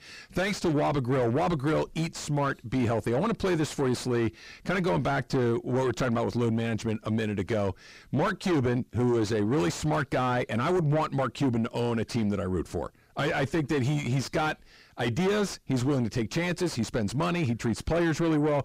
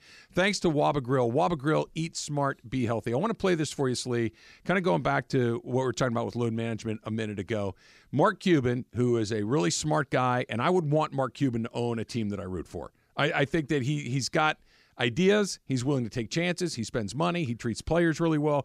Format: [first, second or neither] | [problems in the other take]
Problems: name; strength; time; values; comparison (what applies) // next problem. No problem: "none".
second | distortion; heavy; 5 dB below the speech